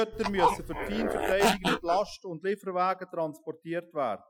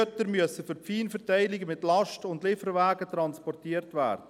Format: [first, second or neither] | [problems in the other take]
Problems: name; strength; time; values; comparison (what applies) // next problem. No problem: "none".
second | noise reduction (classical method Wiener filter)